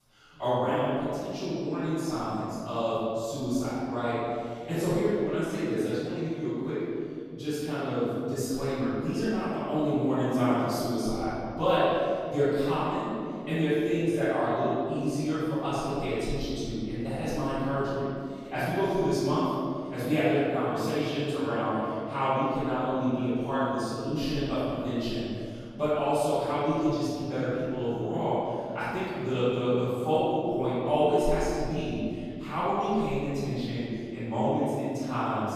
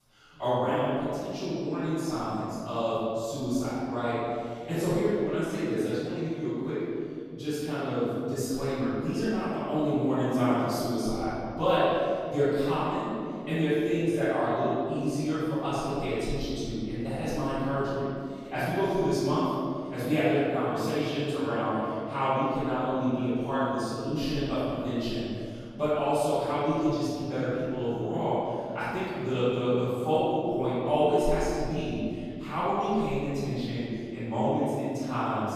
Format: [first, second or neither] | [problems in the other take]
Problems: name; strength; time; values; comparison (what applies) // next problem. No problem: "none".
neither | off-mic speech; far; the same in both // room echo; strong; dies away in 2.6 s; the same in both